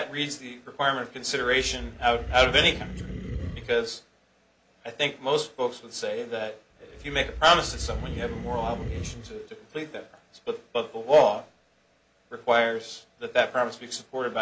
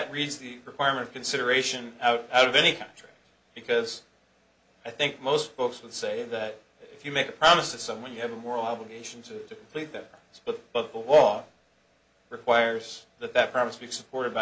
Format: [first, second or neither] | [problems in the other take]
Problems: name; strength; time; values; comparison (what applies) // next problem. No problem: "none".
second | background sound (Animal); 8 dB below the speech